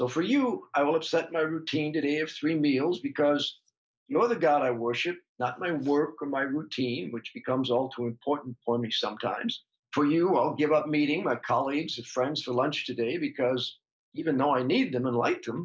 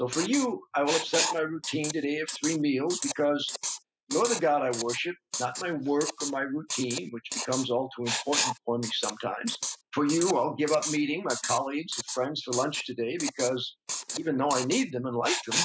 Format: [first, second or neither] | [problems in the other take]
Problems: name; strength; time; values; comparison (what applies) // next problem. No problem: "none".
first | noise reduction (classical method spectral subtraction)